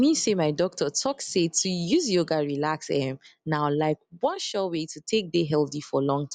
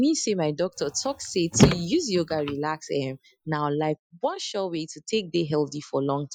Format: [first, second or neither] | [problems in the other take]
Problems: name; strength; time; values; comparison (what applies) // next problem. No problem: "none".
first | noise reduction (classical method Wiener filter)